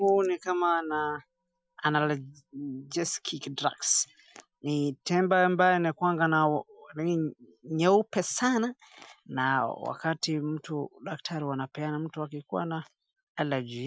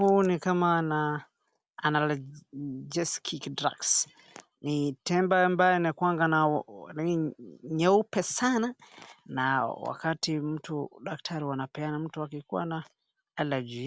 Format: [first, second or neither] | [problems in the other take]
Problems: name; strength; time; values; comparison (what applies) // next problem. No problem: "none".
second | noise reduction (classical method Wiener filter)